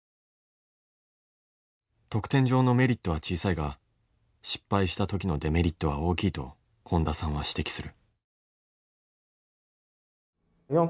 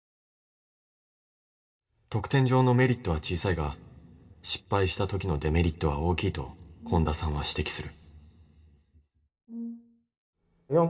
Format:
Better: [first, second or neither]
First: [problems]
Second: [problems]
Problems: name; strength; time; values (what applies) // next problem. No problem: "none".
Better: first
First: none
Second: background sound (Brass instrument); 12 dB below the speech // room echo; dies away in 1.7 s